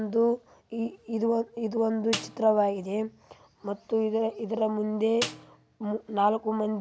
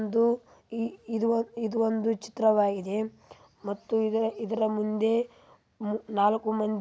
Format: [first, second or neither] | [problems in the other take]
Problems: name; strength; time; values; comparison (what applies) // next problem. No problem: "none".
second | background sound (Snare drum); 12 dB below the speech